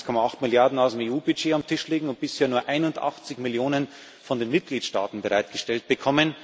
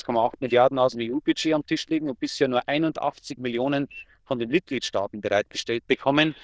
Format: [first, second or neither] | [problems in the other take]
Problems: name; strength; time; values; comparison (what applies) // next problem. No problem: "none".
first | noise reduction (neural diffusion model UNIVERSE++)